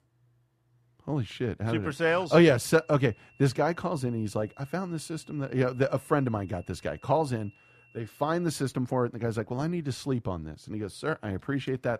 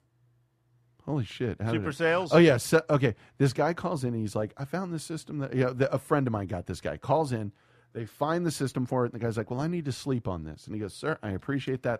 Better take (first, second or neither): second